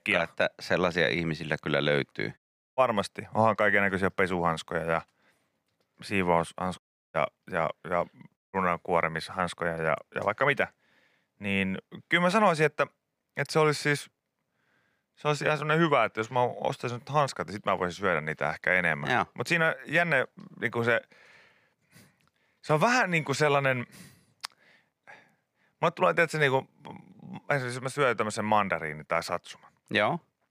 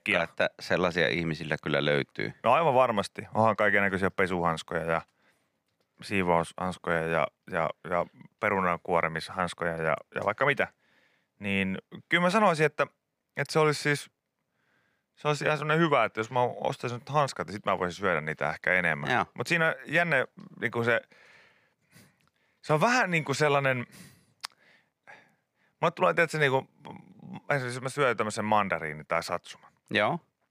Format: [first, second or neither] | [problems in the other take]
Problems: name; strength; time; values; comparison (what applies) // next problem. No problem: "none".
second | audio cutting out; at 2.5 s, at 7 s and at 8.5 s